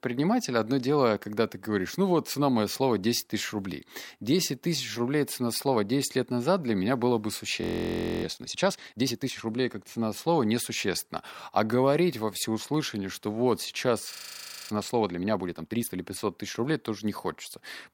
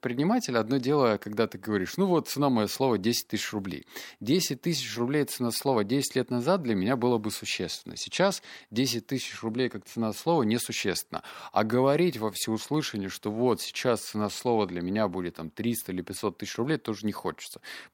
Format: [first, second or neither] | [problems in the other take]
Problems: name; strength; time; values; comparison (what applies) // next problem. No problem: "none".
second | audio freezing; at 7.5 s for 0.5 s and at 14 s for 0.5 s